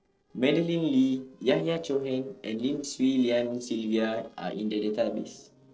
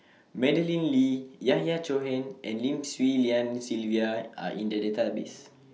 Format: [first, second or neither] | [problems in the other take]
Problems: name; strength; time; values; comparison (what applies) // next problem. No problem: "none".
second | noise reduction (neural separator model SepFormer DNS4)